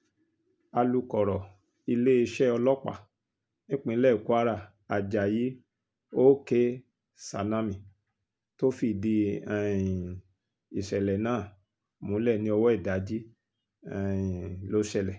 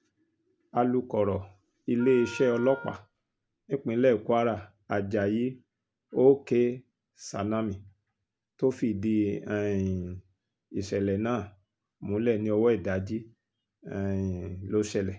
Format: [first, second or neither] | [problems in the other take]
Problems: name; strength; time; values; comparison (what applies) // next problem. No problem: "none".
first | background sound (Wind instrument, woodwind instrument); 16 dB below the speech